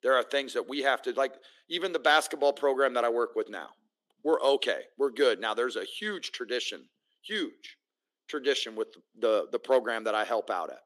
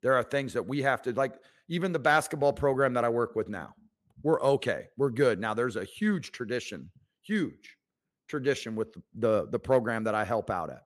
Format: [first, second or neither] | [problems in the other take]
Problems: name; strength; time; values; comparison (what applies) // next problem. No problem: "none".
second | thin; somewhat; fading below 300 Hz